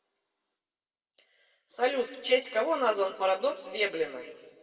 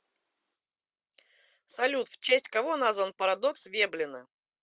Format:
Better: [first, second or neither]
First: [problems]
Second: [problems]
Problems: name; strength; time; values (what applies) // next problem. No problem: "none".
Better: second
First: room echo; dies away in 1.4 s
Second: none